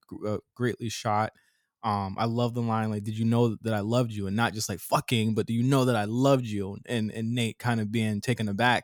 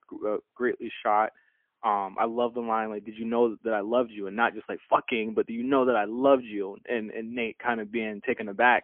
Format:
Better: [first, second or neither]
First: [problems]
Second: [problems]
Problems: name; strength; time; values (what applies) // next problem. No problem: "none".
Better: first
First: none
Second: phone-call audio; poor line; nothing above 3.5 kHz